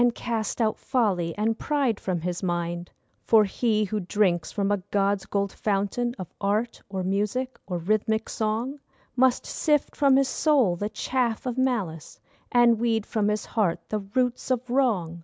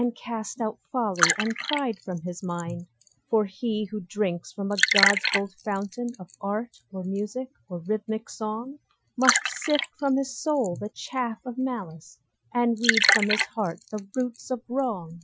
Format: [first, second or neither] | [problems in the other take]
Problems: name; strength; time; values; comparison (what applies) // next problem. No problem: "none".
first | noise reduction (classical method Wiener filter)